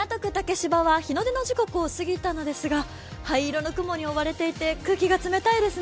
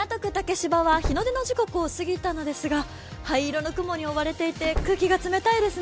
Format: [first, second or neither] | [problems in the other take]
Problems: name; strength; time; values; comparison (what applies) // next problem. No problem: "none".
first | background sound (Slam); 9 dB below the speech